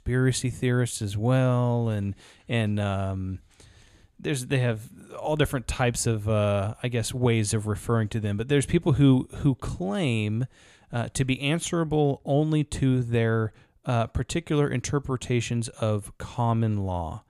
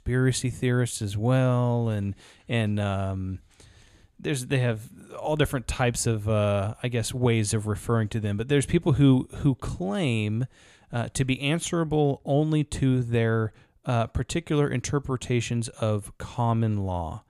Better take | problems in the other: neither | none

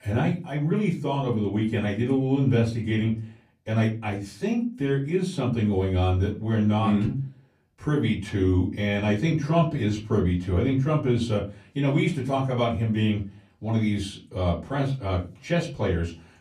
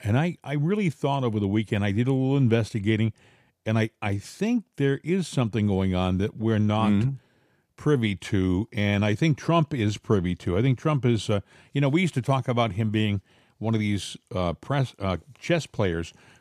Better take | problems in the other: second | off-mic speech; far // room echo; very slight; dies away in 0.3 s

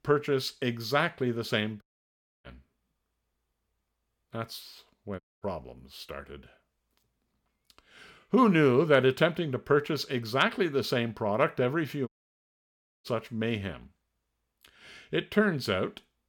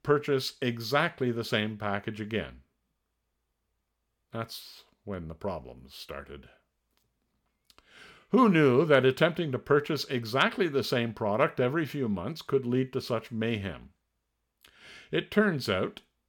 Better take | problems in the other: second | audio cutting out; at 2 s for 0.5 s, at 5 s and at 12 s for 1 s

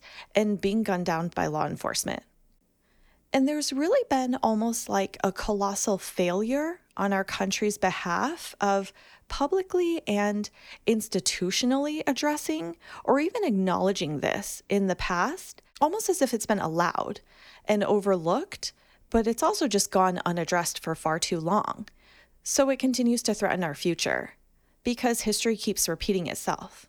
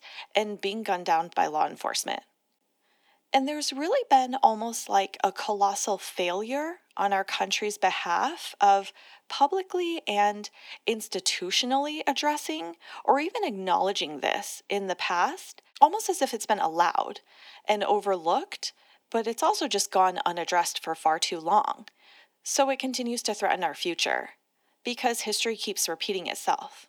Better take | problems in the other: first | thin; somewhat; fading below 300 Hz

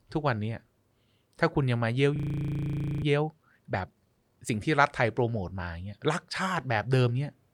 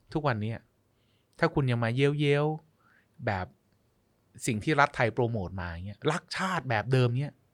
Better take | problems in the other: second | audio freezing; at 2 s for 1 s

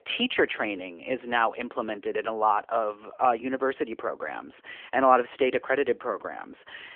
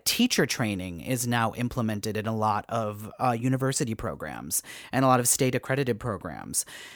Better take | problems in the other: second | phone-call audio; nothing above 3 kHz

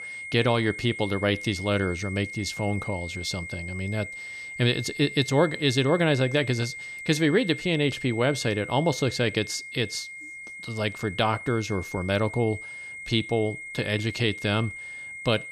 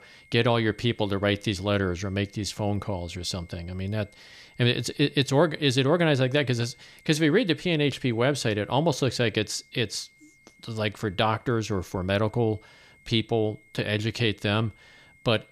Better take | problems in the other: second | high-pitched whine; loud; throughout; 2 kHz, 10 dB below the speech; faint in the second

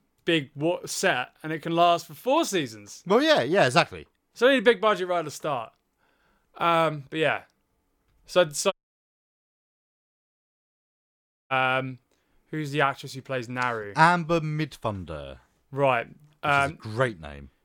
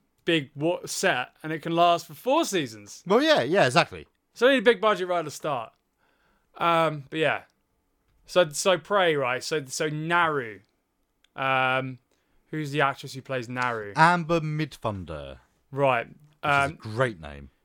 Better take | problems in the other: second | audio cutting out; at 8.5 s for 3 s

